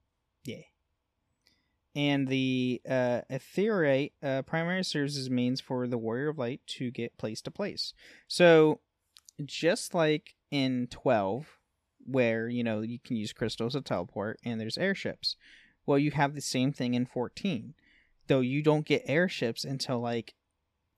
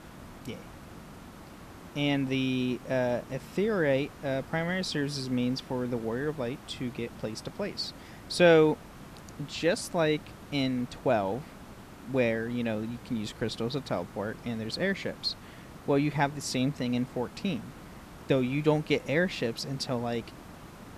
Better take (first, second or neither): first